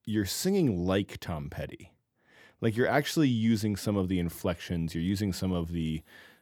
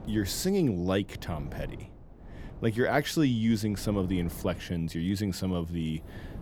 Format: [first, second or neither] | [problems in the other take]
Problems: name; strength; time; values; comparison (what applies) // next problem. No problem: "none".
first | wind noise on the microphone; occasional gusts; 20 dB below the speech